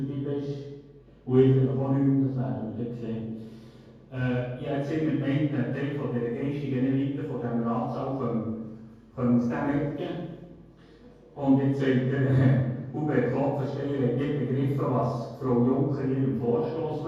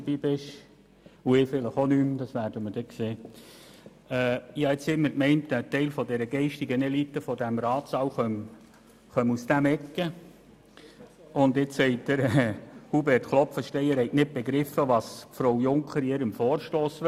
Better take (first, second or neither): second